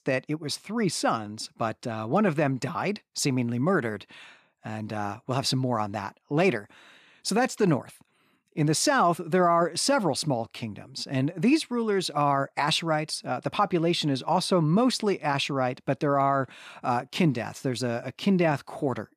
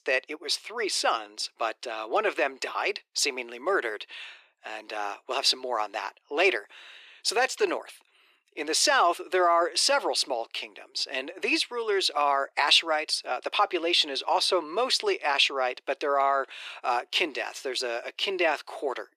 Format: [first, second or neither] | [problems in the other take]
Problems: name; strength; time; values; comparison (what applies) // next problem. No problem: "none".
first | thin; very; fading below 350 Hz